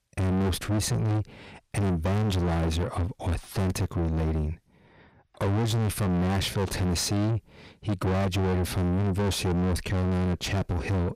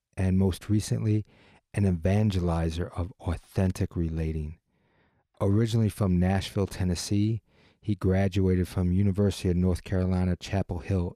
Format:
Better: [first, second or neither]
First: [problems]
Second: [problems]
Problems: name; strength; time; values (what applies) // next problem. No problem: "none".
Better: second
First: distortion; heavy; 6 dB below the speech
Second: none